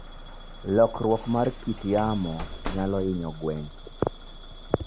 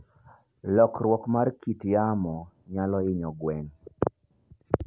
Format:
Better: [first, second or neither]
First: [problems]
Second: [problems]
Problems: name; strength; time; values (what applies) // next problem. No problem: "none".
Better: second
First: background sound (Bus / Alarm); 11 dB below the speech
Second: none